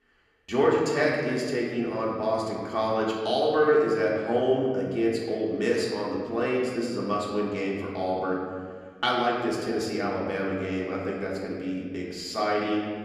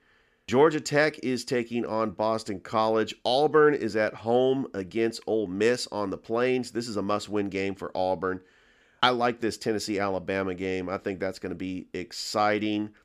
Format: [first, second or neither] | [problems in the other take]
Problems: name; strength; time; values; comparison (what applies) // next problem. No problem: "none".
second | room echo; noticeable; dies away in 1.7 s // off-mic speech; far